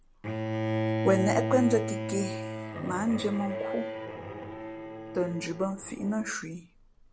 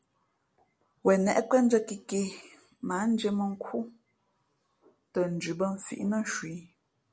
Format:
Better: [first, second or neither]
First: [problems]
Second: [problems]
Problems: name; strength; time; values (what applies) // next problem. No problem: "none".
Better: second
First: background sound (Bowed string instrument); 3 dB below the speech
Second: none